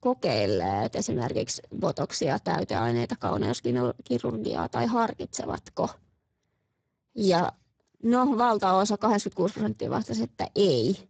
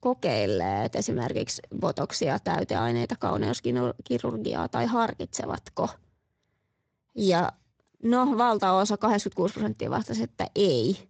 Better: second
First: garbled, watery; badly; nothing above 7.5 kHz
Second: garbled, watery; slightly; nothing above 7.5 kHz

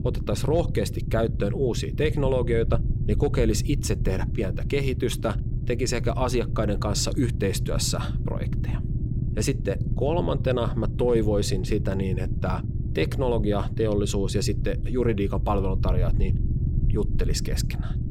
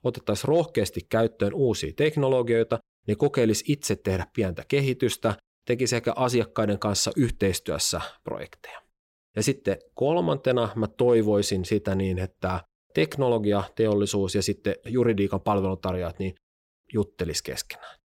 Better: second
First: low rumble; noticeable; throughout; 10 dB below the speech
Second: none

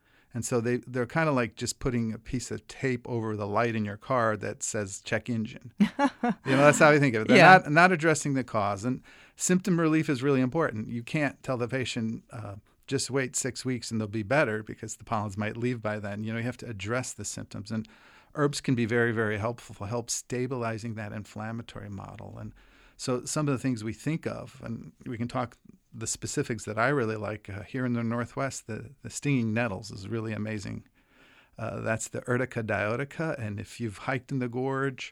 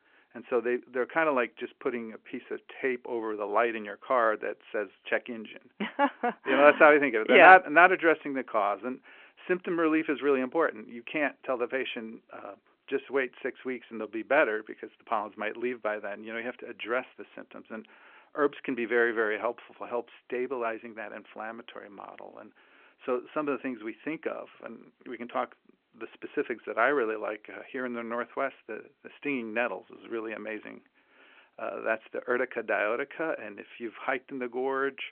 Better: first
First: none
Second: phone-call audio

